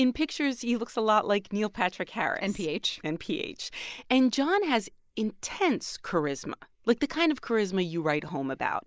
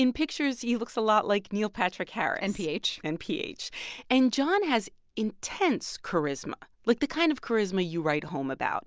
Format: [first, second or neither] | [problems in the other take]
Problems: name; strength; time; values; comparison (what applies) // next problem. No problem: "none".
second | noise reduction (neural mask model Resemble Enhance denoiser)